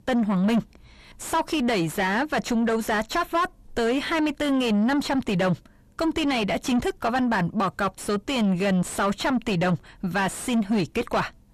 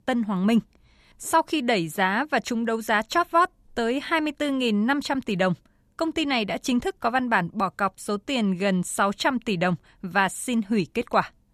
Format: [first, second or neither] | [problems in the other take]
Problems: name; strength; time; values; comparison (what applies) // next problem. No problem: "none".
second | distortion; heavy; 5 dB below the speech